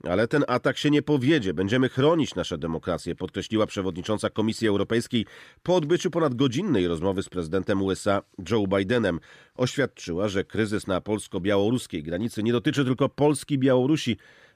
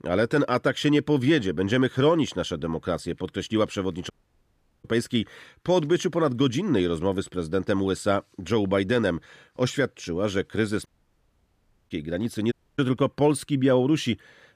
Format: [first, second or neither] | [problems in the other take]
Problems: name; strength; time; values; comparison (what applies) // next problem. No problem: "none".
first | audio cutting out; at 4 s for 0.5 s, at 11 s for 1 s and at 13 s